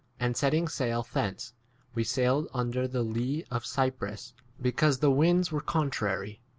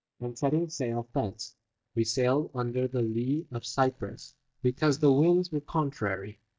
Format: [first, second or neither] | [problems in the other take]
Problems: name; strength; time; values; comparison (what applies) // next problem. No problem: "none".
first | noise reduction (neural mask model DeepFilterNet 3)